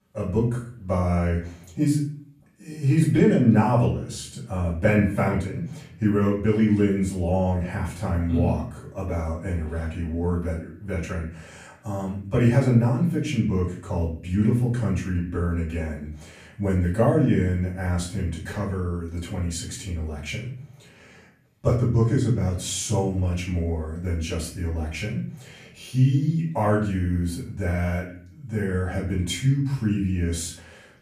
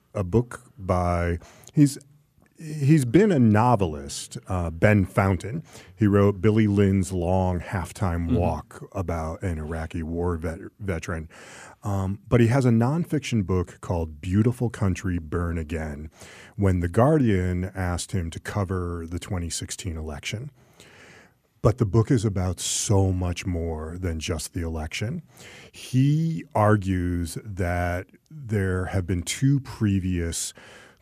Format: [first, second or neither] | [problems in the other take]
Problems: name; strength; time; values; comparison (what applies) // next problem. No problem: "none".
second | off-mic speech; far // room echo; slight; dies away in 0.5 s